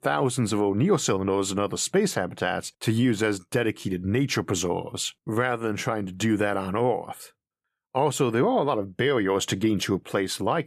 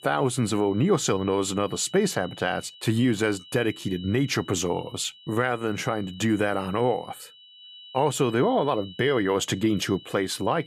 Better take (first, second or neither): first